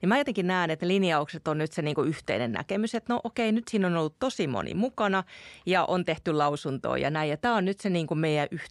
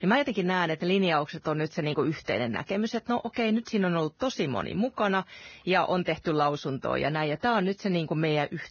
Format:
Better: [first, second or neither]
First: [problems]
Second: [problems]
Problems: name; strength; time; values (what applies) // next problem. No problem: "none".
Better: first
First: none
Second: garbled, watery; badly; nothing above 6.5 kHz